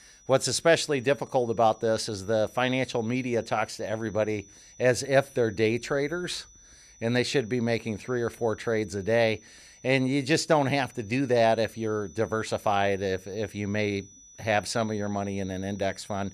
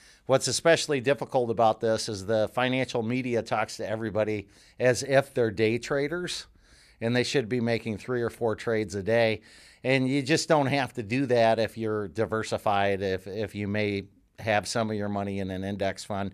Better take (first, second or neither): second